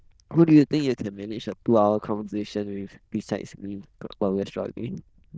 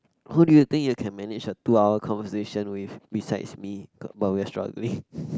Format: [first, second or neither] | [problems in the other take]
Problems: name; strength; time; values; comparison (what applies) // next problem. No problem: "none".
second | noise reduction (neural diffusion model UNIVERSE++)